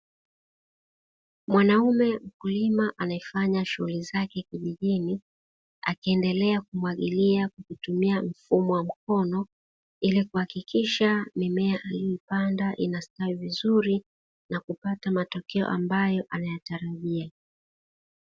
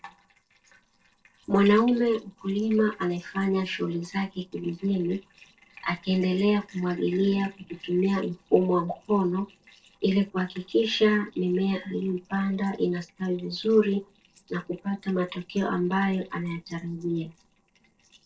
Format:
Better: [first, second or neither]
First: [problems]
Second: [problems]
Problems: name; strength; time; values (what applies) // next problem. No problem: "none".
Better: first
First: none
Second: noise reduction (neural separator model SepFormer DNS4)